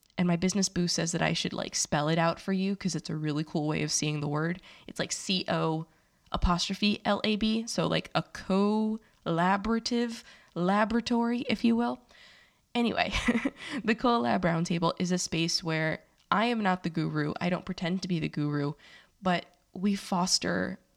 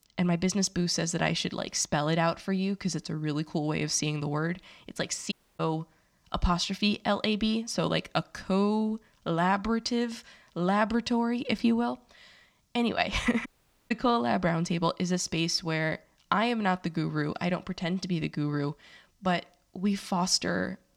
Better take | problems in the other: first | audio cutting out; at 5.5 s and at 13 s

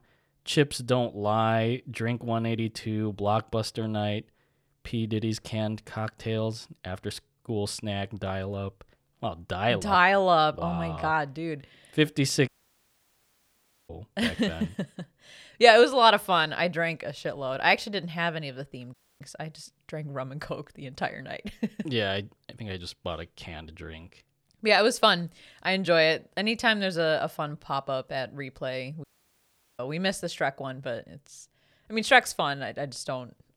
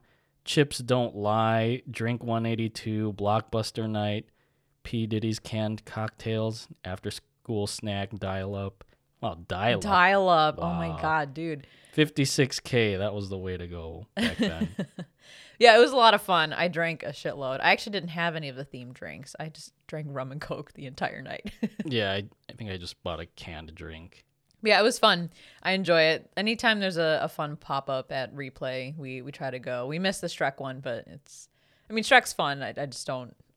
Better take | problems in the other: second | audio cutting out; at 12 s for 1.5 s, at 19 s and at 29 s for 1 s

